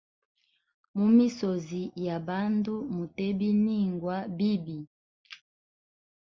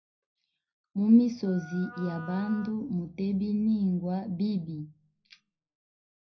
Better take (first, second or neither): first